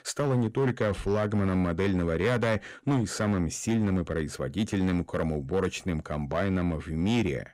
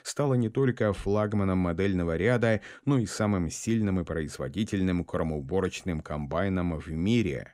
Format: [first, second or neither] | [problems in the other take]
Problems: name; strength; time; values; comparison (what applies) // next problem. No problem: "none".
second | distortion; slight; 8% of the sound clipped